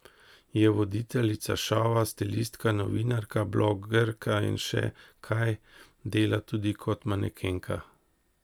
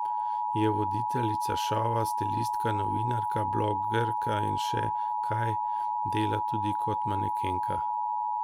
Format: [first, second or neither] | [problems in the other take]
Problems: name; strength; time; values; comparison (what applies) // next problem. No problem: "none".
first | background sound (Alarm); 4 dB above the speech